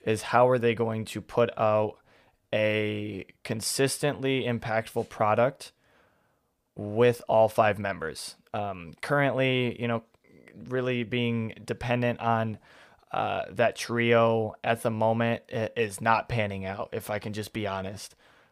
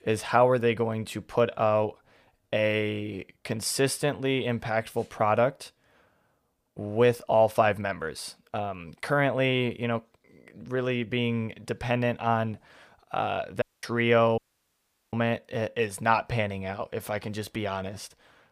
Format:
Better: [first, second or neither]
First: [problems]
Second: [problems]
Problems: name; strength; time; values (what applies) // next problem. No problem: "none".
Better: first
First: none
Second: audio cutting out; at 14 s for 1 s